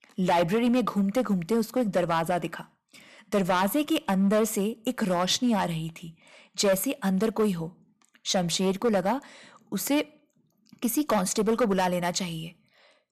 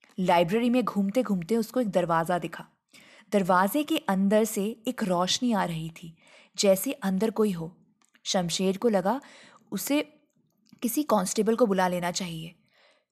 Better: second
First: distortion; slight; 6% of the sound clipped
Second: none

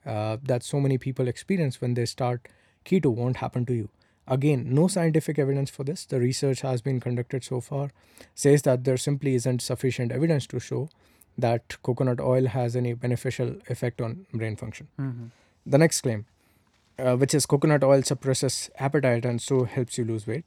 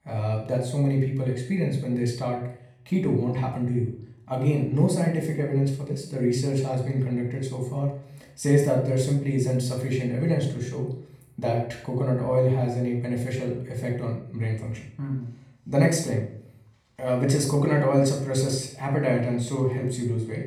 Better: first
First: none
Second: off-mic speech; far // room echo; noticeable; dies away in 0.5 s

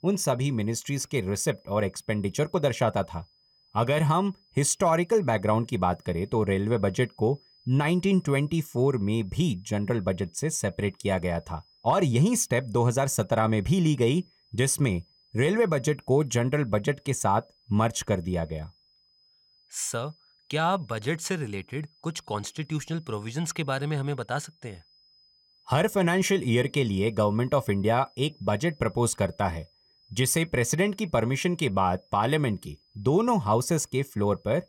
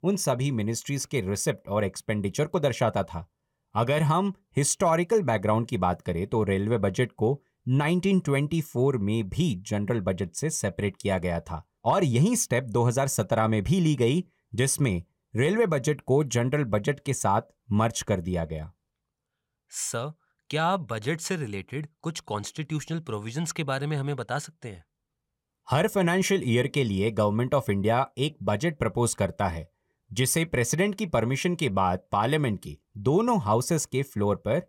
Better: second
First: high-pitched whine; faint; throughout; 5 kHz, 35 dB below the speech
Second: none

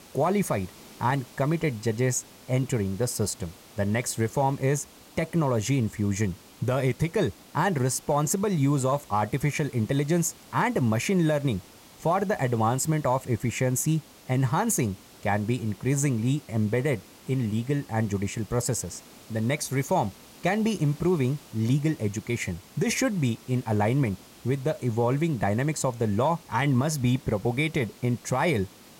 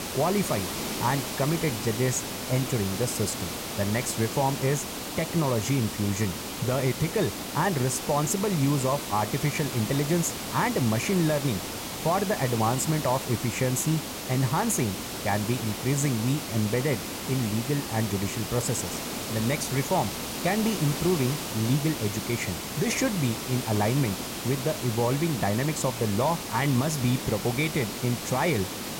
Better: first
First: hiss; faint; throughout; 20 dB below the speech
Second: hiss; loud; throughout; 5 dB below the speech

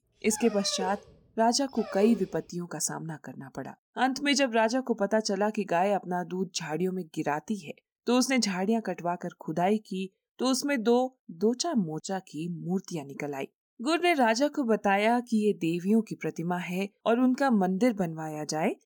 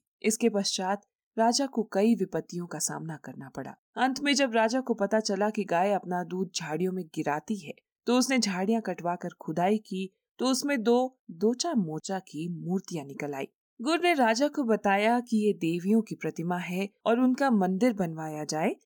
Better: second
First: dog barking; noticeable; until 2 s; peak 6 dB below the speech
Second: none

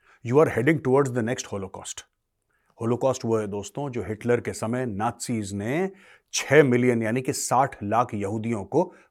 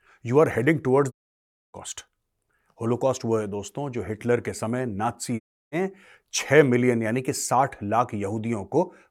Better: first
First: none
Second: audio cutting out; at 1 s for 0.5 s and at 5.5 s

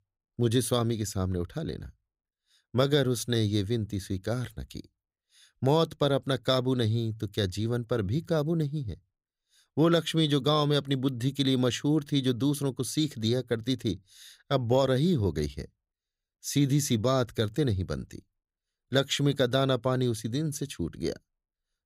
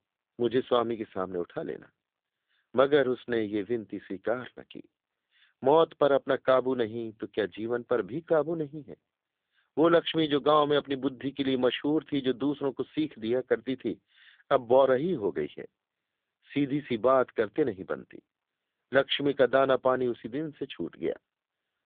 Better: first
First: none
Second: phone-call audio; poor line; nothing above 3.5 kHz

